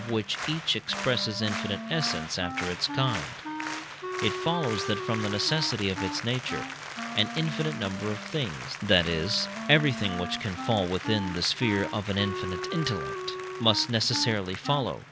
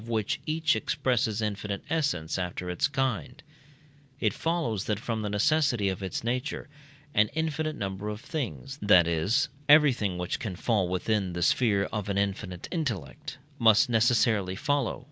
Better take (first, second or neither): second